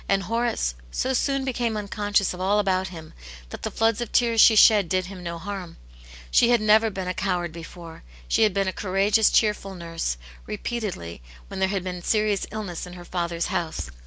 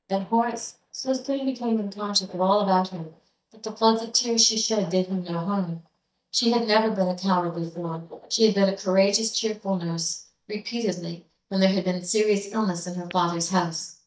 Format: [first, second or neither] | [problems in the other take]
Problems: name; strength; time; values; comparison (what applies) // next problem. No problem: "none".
first | noise reduction (neural mask model DeepFilterNet 3)